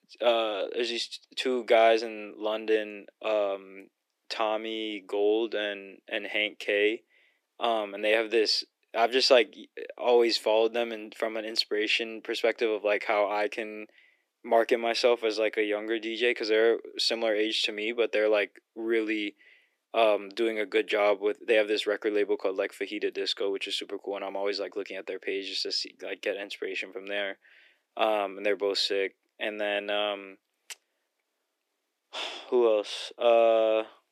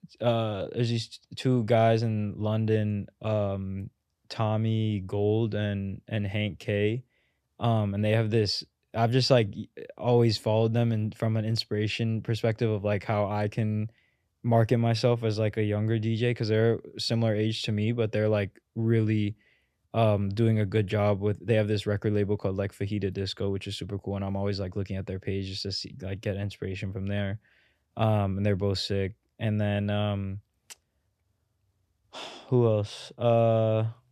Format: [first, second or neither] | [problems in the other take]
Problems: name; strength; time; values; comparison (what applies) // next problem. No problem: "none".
second | thin; very; fading below 300 Hz